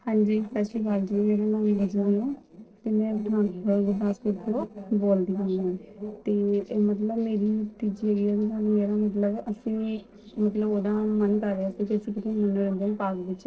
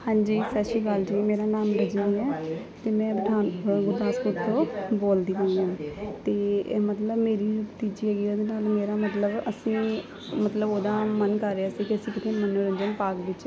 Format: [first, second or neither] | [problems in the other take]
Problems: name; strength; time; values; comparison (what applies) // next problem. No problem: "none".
second | noise reduction (neural separator model SepFormer DNS4)